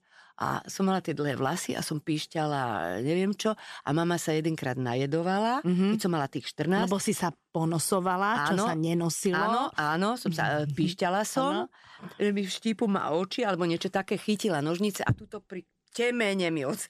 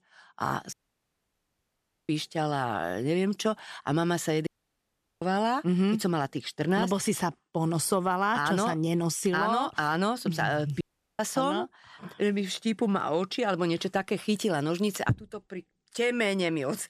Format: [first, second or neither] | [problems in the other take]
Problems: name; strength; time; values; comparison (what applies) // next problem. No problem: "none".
first | audio cutting out; at 0.5 s for 1.5 s, at 4.5 s for 0.5 s and at 11 s